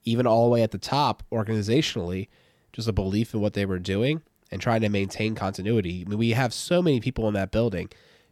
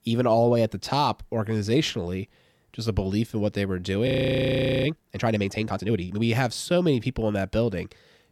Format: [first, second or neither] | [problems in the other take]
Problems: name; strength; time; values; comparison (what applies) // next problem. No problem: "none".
first | audio freezing; at 4 s for 1 s